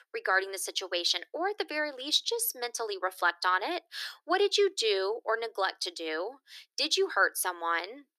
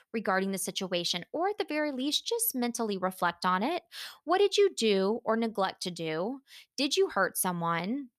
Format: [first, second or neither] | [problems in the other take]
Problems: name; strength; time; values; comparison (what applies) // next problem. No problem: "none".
second | thin; very; fading below 300 Hz